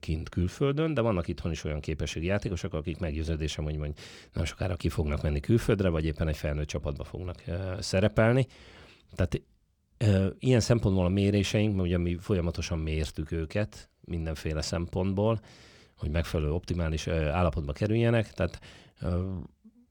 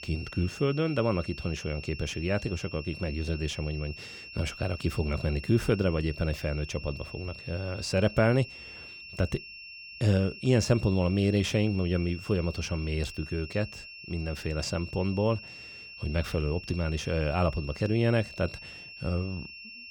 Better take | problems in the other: first | high-pitched whine; noticeable; throughout; 2.5 kHz, 15 dB below the speech

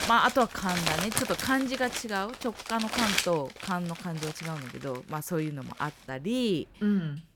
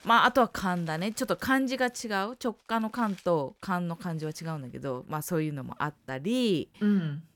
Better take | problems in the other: second | household noises; loud; throughout; 3 dB below the speech; faint in the second

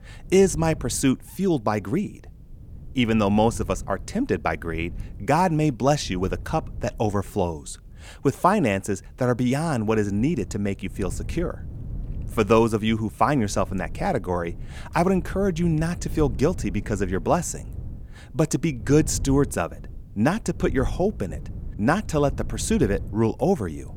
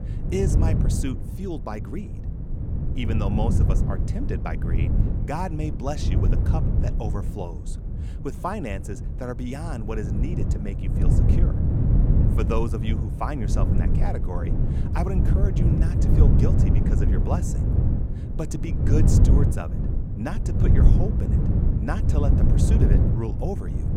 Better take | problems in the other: first | wind noise on the microphone; heavy; 1 dB below the speech; occasional gusts in the first

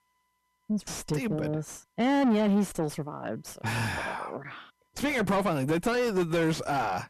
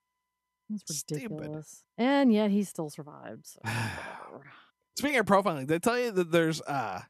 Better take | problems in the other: second | distortion; heavy; 5 dB below the speech

